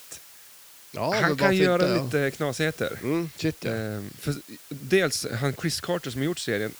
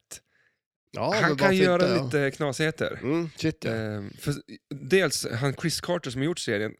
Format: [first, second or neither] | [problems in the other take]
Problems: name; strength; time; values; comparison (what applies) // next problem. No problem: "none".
second | hiss; noticeable; throughout; 20 dB below the speech